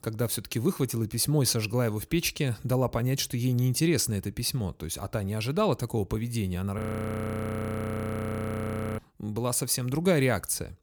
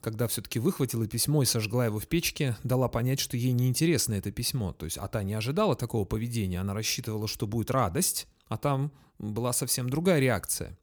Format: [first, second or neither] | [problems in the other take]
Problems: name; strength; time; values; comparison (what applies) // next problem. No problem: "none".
second | audio freezing; at 7 s for 2 s